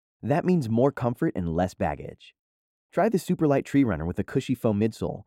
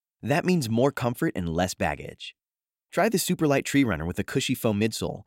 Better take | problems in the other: second | muffled; slightly; fading above 1.5 kHz

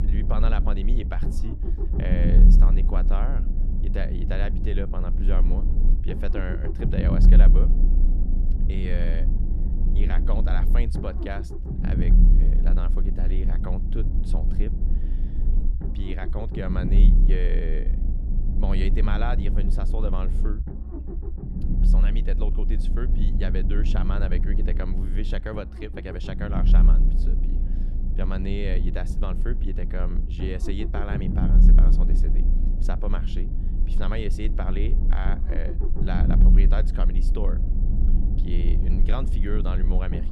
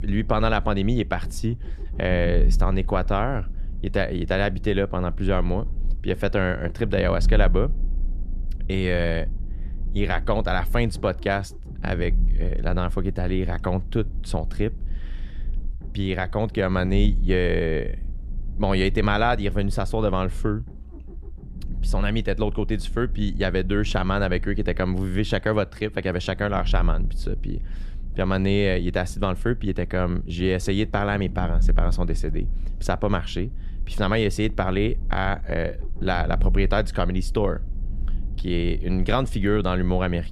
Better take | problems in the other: second | low rumble; loud; throughout; 4 dB below the speech; faint in the second

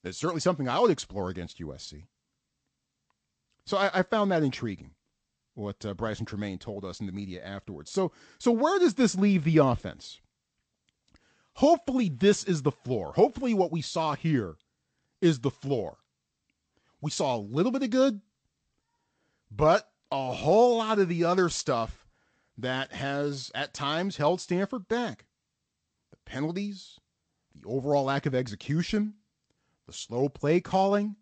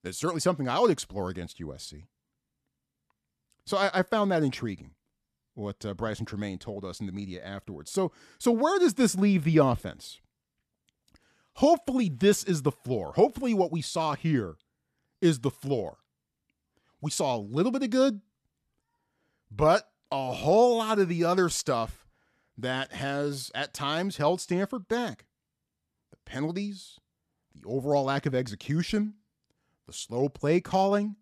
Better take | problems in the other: second | garbled, watery; slightly; nothing above 8 kHz

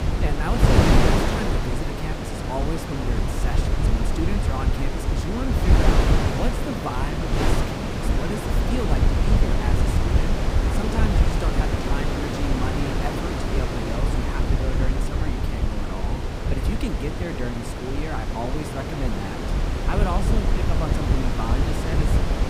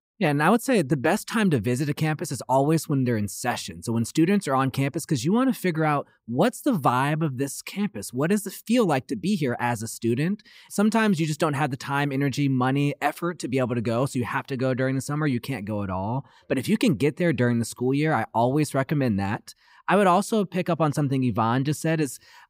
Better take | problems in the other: second | wind noise on the microphone; heavy; 5 dB above the speech

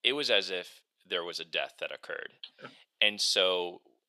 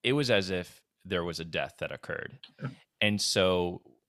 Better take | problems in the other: second | thin; somewhat; fading below 450 Hz

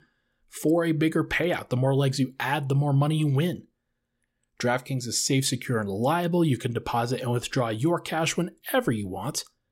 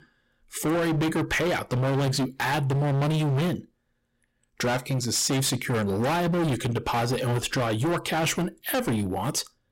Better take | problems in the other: first | distortion; heavy; 29% of the sound clipped

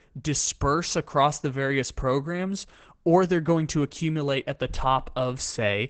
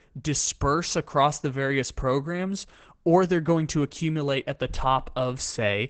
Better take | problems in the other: neither | garbled, watery; badly; nothing above 8 kHz; the same in both

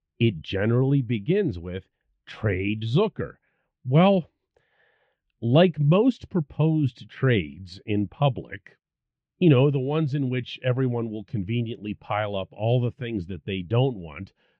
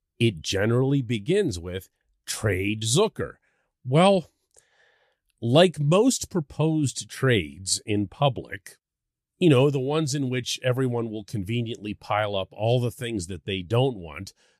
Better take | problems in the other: second | muffled; very; fading above 3 kHz

